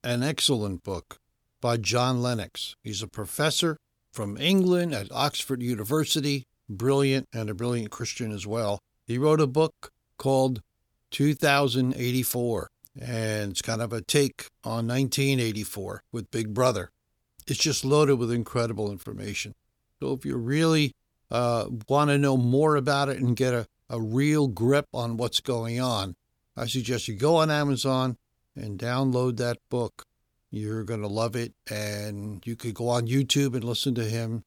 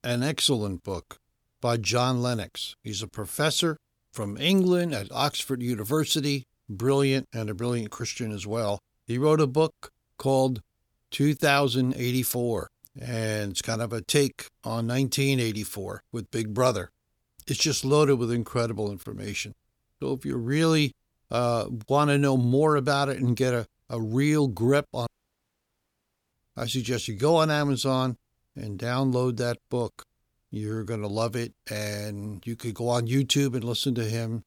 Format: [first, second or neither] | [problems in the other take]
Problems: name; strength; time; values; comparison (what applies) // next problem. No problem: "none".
first | audio cutting out; at 25 s for 1.5 s